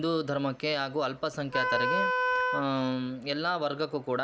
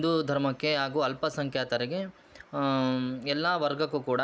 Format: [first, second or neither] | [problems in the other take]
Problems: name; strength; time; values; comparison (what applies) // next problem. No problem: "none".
second | background sound (Wind instrument, woodwind instrument); 2 dB above the speech